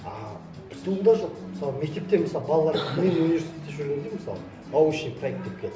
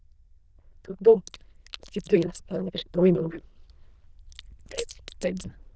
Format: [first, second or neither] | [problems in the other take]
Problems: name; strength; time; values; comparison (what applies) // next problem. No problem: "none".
first | noise reduction (neural diffusion model UNIVERSE++)